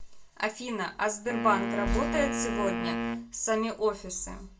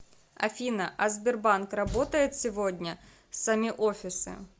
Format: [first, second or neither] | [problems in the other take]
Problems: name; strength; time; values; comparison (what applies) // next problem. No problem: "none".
second | background sound (Wind instrument, woodwind instrument); 3 dB below the speech // room echo; dies away in 0.2 s